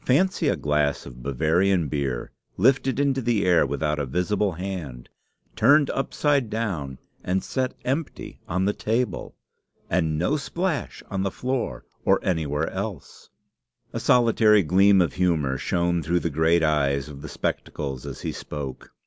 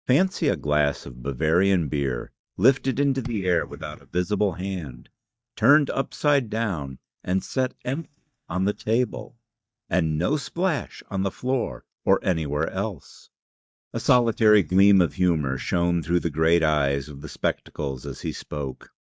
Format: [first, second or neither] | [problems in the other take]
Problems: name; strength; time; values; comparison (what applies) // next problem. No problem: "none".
first | noise reduction (neural mask model DeepFilterNet 3)